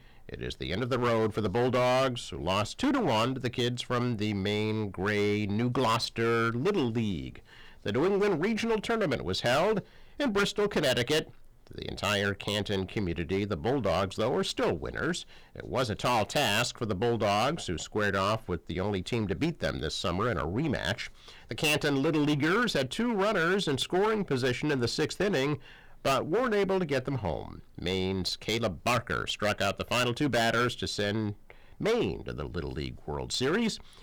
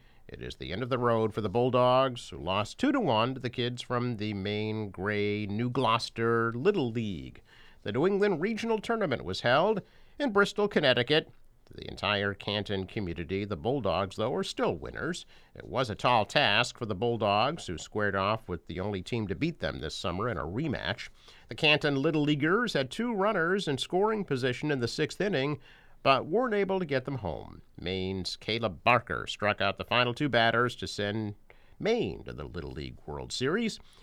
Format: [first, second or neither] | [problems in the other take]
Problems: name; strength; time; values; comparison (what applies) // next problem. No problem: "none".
second | distortion; heavy; 13% of the sound clipped